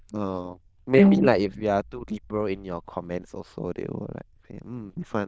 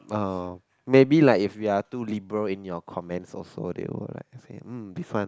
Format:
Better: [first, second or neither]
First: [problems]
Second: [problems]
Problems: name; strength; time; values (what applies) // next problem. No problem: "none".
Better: second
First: noise reduction (neural diffusion model UNIVERSE++)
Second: none